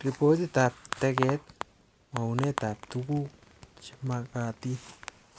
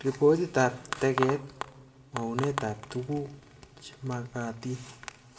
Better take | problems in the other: first | room echo; dies away in 1.3 s

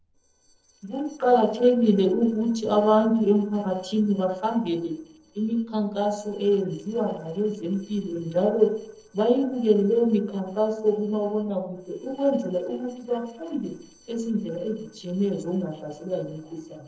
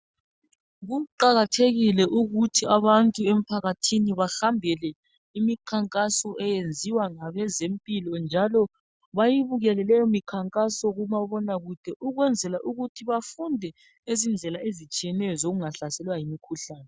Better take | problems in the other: second | noise reduction (neural separator model SepFormer DNS4)

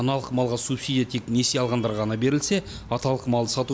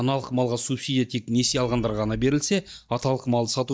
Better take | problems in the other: first | noise reduction (neural mask model DeepFilterNet 3)

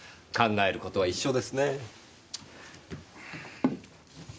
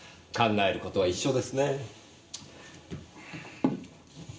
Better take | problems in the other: first | room echo; dies away in 0.6 s

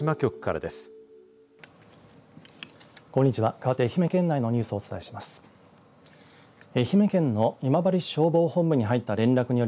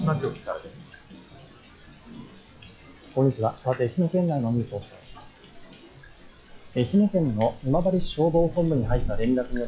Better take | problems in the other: first | noise reduction (classical method log-MMSE)

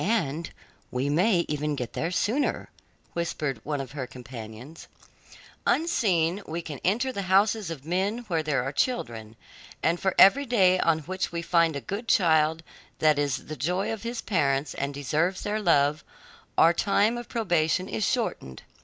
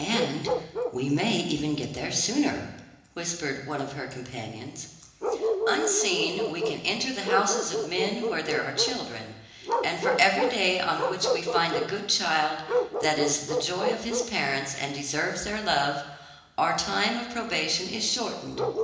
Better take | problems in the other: first | background sound (Bark); 4 dB below the speech // room echo; dies away in 1 s

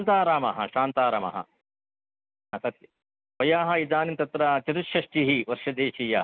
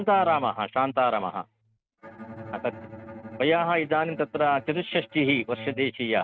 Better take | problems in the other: first | noise reduction (neural mask model RNNoise)

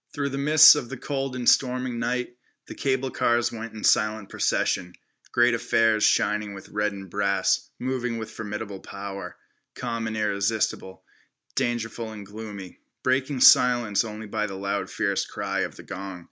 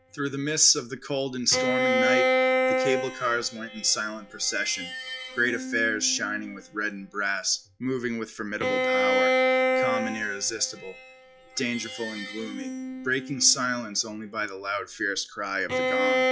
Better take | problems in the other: first | noise reduction (classical method log-MMSE)

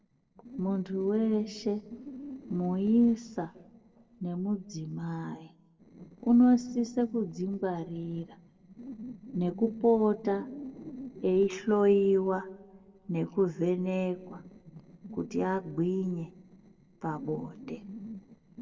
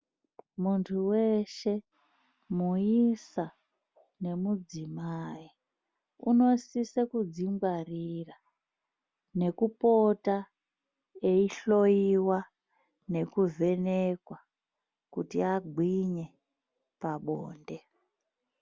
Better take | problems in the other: second | noise reduction (neural separator model SepFormer DNS4)

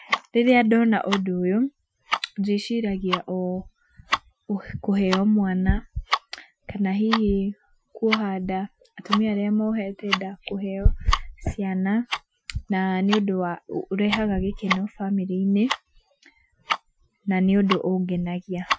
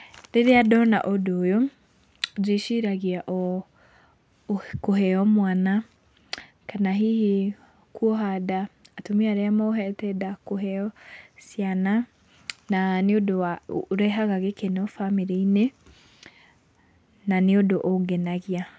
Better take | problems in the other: second | noise reduction (classical method Wiener filter)

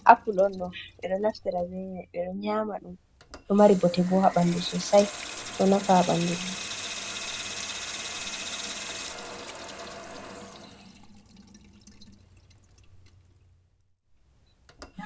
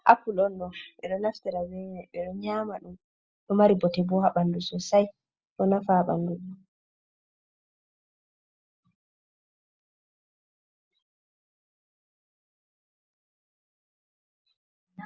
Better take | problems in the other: second | background sound (Sink (filling or washing) / Water tap, faucet); 12 dB below the speech

